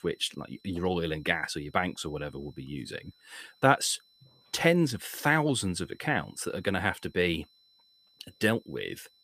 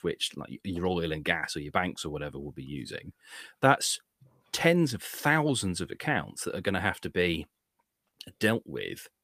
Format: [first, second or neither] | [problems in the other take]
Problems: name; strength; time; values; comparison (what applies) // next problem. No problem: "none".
second | high-pitched whine; faint; throughout; 4 kHz, 30 dB below the speech